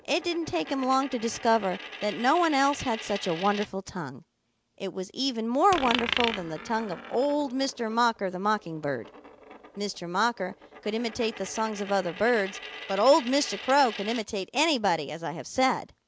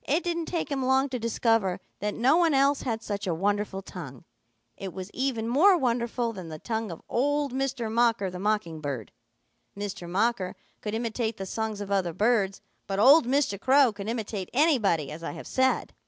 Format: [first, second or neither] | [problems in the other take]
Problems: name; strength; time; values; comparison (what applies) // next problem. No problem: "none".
second | background sound (Coin (dropping)); 13 dB below the speech